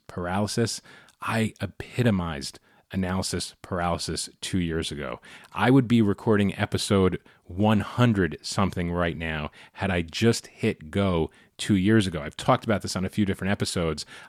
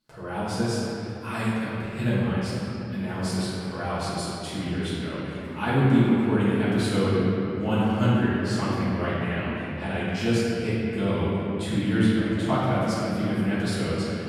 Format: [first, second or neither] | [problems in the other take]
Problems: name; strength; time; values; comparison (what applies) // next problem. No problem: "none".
first | off-mic speech; far // room echo; strong; dies away in 3 s